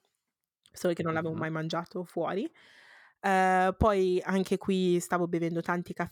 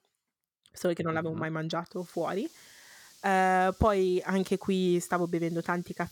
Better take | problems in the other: first | hiss; faint; from 2 s on; 25 dB below the speech

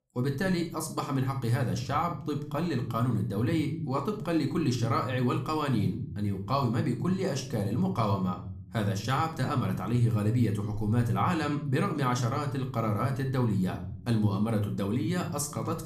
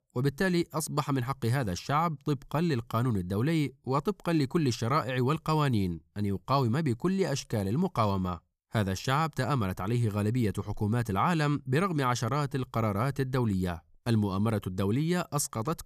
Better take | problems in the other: second | room echo; slight; dies away in 0.5 s

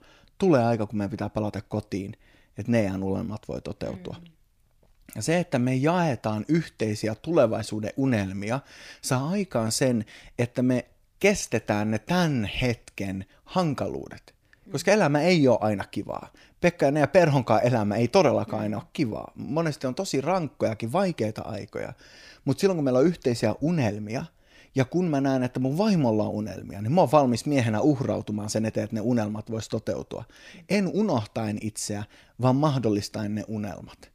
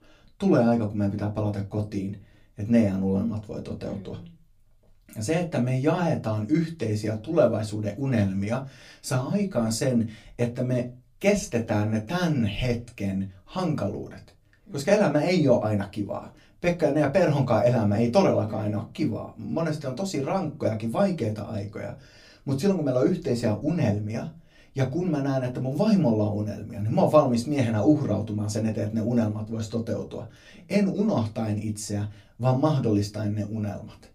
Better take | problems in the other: first | off-mic speech; far // room echo; very slight; dies away in 0.2 s

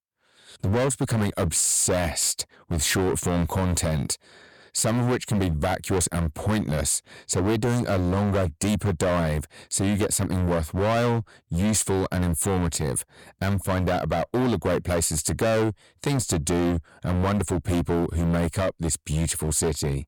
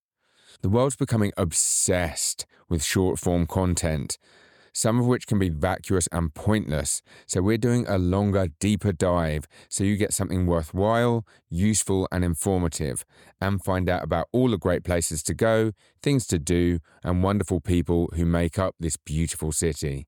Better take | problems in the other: second | distortion; heavy; 19% of the sound clipped

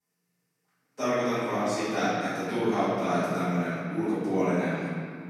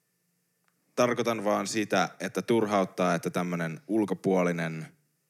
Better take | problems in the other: second | room echo; strong; dies away in 2.1 s // off-mic speech; far

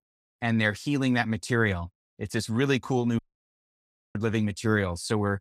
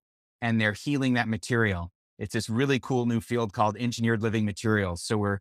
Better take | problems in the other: second | audio cutting out; at 3 s for 1 s

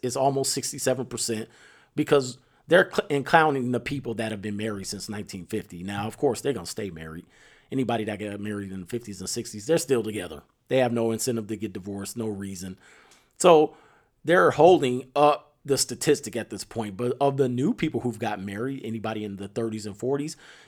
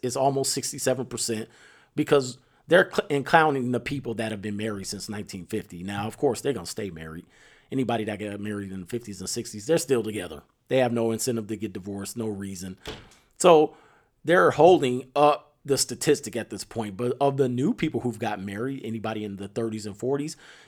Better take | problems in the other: first | door banging; faint; at 13 s; peak 15 dB below the speech

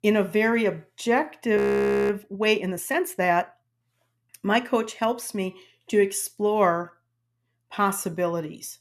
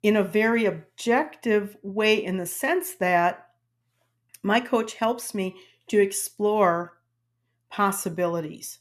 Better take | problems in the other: second | audio freezing; at 1.5 s for 0.5 s

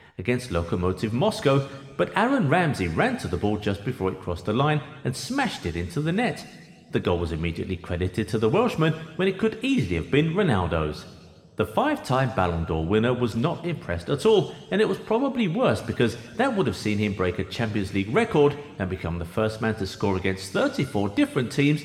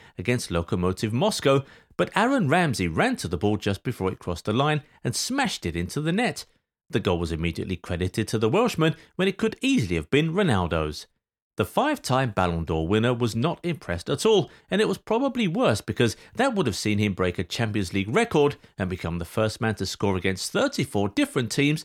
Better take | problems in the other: second | room echo; slight; dies away in 1.6 s

